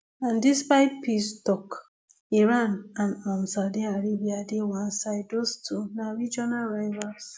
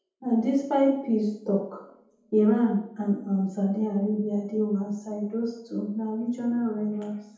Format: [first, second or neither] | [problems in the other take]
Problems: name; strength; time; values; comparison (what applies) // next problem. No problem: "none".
first | room echo; dies away in 0.8 s